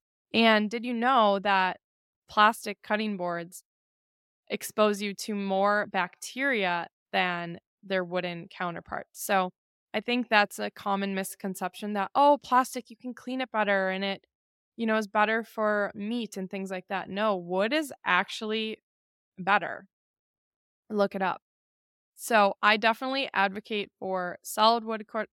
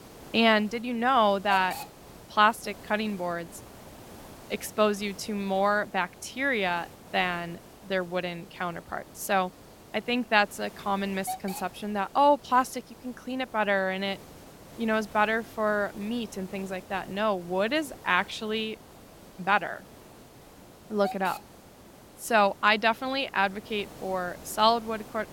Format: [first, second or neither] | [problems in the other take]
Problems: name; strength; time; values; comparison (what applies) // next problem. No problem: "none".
first | hiss; noticeable; throughout; 20 dB below the speech